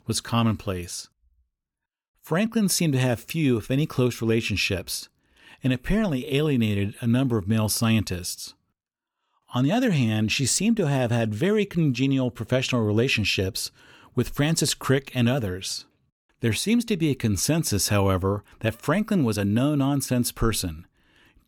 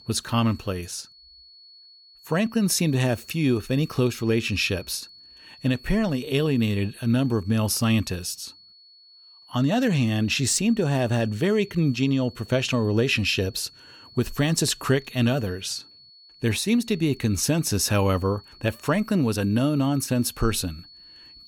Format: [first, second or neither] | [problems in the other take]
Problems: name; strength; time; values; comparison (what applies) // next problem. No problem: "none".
first | high-pitched whine; faint; throughout; 4.5 kHz, 25 dB below the speech